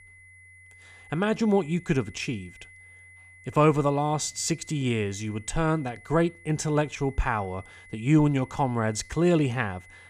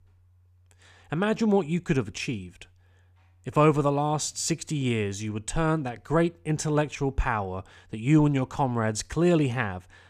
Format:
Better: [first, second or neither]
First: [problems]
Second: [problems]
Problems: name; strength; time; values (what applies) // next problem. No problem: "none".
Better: second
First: high-pitched whine; faint; throughout; 2 kHz, 25 dB below the speech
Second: none